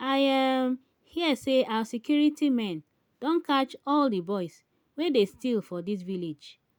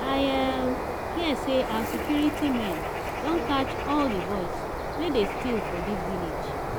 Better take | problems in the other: first | background sound (Bird); 2 dB below the speech

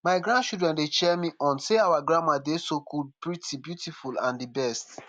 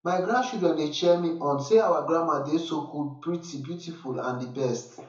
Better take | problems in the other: first | room echo; dies away in 0.6 s

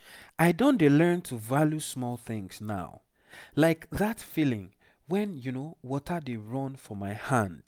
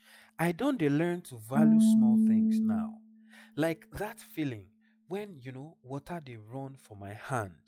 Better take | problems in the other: first | noise reduction (classical method log-MMSE)

